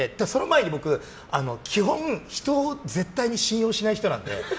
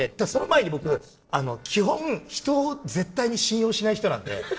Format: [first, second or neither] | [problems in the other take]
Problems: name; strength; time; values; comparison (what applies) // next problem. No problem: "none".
first | noise reduction (neural separator model SepFormer DNS4)